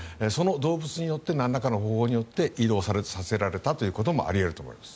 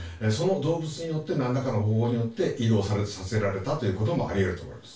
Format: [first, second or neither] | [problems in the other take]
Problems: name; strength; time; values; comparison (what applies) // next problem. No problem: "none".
first | room echo; dies away in 0.2 s